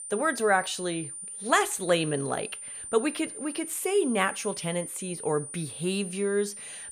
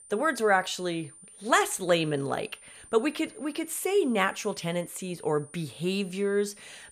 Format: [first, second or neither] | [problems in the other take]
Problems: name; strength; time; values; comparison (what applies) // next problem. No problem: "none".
second | high-pitched whine; loud; throughout; 9.5 kHz, 9 dB below the speech; faint in the second